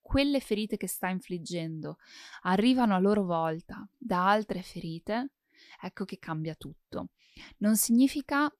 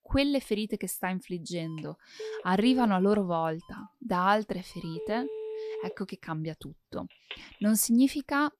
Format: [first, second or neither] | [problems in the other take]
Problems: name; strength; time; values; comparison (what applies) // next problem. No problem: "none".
first | phone ringing; noticeable; from 2 to 7.5 s; peak 8 dB below the speech